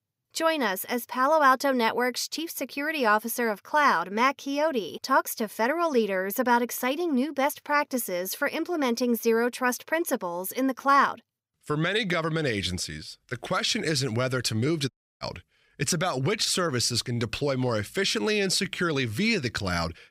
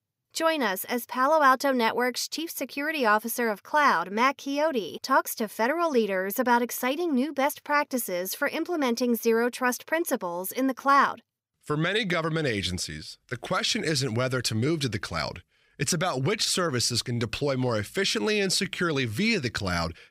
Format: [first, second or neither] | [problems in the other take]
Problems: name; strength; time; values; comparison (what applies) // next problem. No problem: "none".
second | audio cutting out; at 15 s